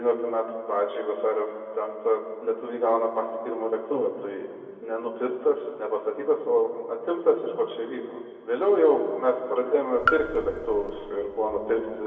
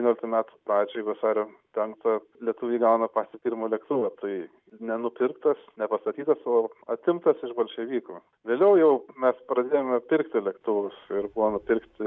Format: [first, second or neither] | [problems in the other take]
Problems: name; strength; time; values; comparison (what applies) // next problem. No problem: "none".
second | background sound (Raindrop / Drip); 5 dB below the speech // room echo; dies away in 2.2 s